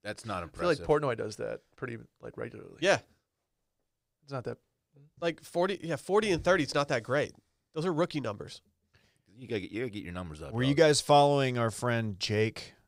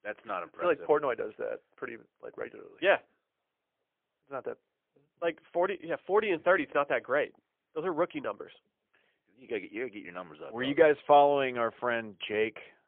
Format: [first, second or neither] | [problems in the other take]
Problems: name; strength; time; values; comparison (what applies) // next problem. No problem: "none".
first | phone-call audio; poor line; nothing above 3.5 kHz